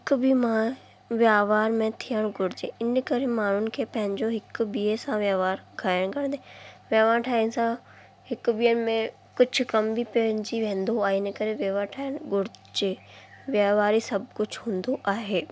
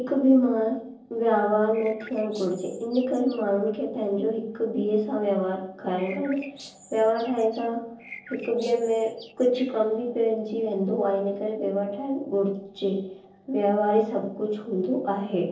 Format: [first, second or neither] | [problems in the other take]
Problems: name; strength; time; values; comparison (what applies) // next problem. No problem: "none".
first | noise reduction (neural separator model SepFormer DNS4)